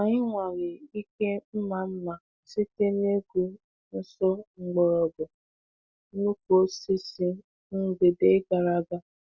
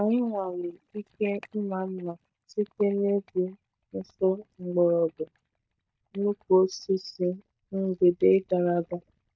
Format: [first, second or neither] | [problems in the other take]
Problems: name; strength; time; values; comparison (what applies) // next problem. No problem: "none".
first | noise reduction (neural mask model DeepFilterNet 3)